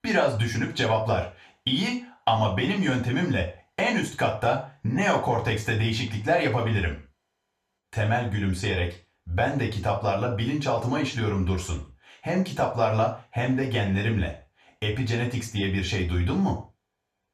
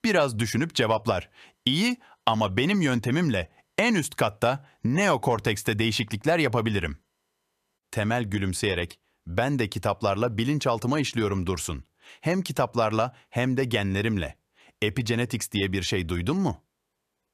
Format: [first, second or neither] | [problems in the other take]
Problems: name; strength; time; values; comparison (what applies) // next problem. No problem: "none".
second | room echo; slight; dies away in 0.3 s // off-mic speech; far